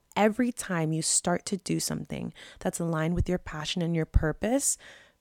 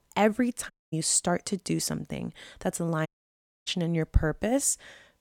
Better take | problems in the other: first | audio cutting out; at 0.5 s and at 3 s for 0.5 s

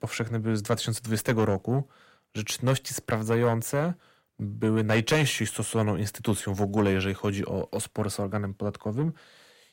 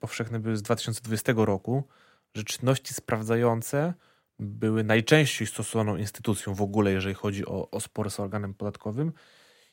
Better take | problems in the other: second | distortion; slight; 10 dB below the speech

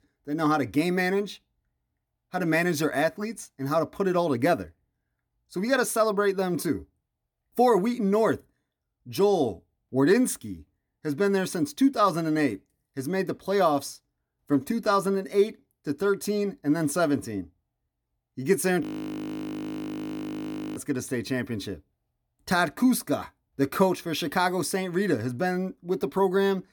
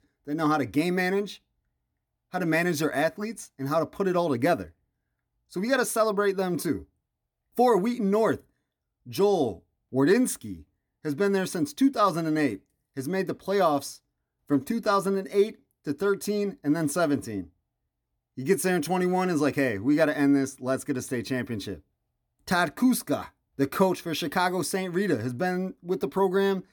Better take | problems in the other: second | audio freezing; at 19 s for 2 s

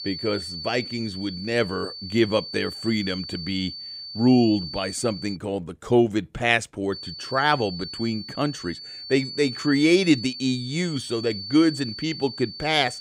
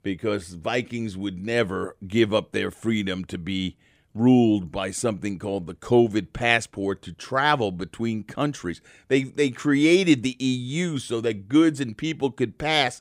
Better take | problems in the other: second | high-pitched whine; loud; until 5.5 s and from 7 s on; 4.5 kHz, 10 dB below the speech

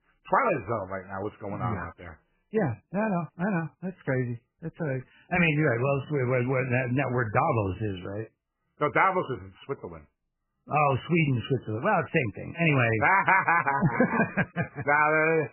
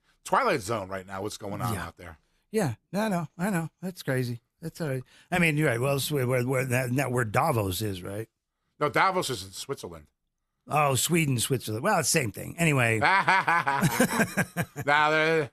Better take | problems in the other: second | garbled, watery; badly; nothing above 2.5 kHz

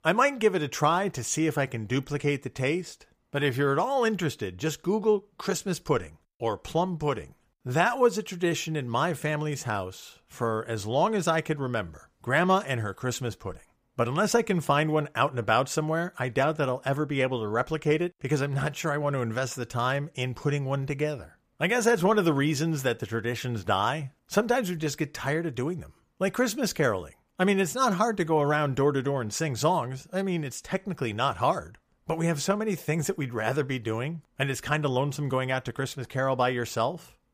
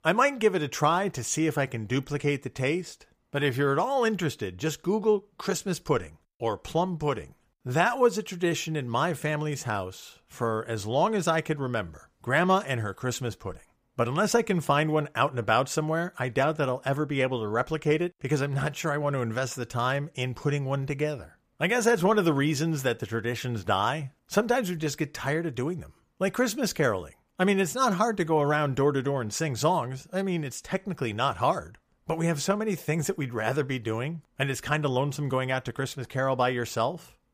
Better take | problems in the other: neither | none

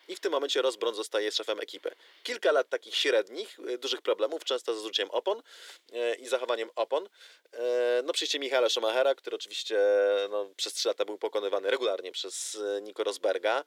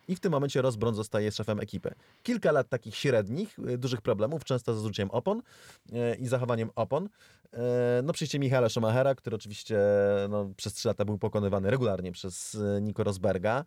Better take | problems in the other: second | thin; very; fading below 300 Hz

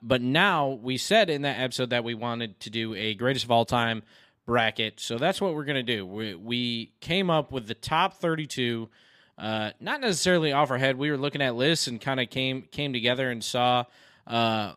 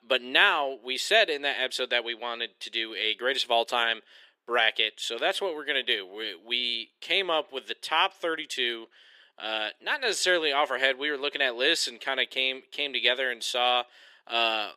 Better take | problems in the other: first | thin; very; fading below 400 Hz

